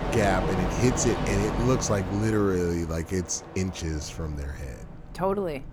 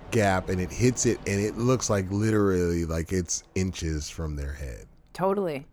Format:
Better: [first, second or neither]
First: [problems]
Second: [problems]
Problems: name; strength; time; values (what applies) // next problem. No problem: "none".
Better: second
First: train or aircraft noise; loud; throughout; 4 dB below the speech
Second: train or aircraft noise; faint; throughout; 20 dB below the speech